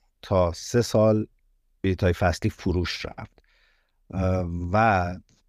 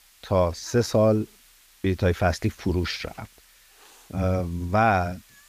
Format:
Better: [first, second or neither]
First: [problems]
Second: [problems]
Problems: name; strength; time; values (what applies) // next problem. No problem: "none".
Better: first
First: none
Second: hiss; faint; throughout; 25 dB below the speech